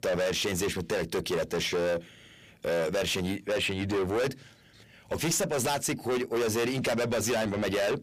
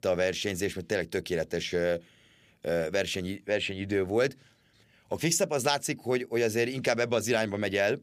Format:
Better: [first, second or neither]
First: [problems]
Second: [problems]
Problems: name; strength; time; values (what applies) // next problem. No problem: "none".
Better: second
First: distortion; heavy; 6 dB below the speech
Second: none